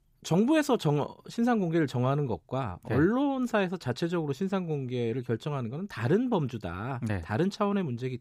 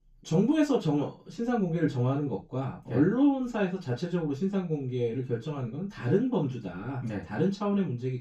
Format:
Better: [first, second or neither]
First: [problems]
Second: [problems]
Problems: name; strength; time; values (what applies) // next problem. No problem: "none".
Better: first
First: none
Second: room echo; very slight; dies away in 0.2 s // off-mic speech; far